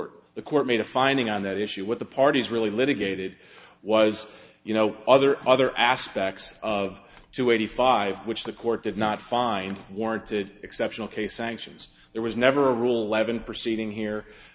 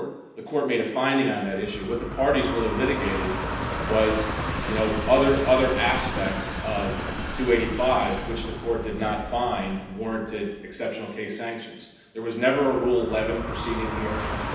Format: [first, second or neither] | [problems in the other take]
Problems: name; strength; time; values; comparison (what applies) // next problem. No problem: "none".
first | background sound (Train); 6 dB below the speech // room echo; dies away in 0.9 s